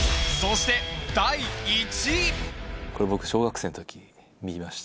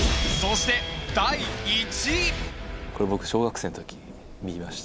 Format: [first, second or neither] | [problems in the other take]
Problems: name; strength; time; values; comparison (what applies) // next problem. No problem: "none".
first | background sound (Thunder / Rain); 13 dB below the speech